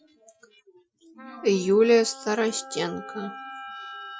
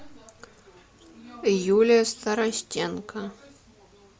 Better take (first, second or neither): second